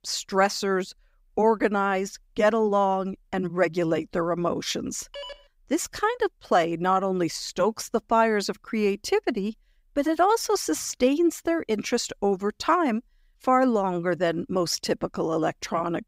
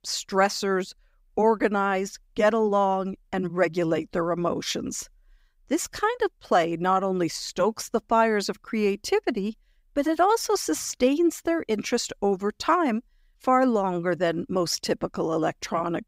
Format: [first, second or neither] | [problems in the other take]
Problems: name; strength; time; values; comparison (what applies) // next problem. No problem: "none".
second | phone ringing; faint; at 5 s; peak 15 dB below the speech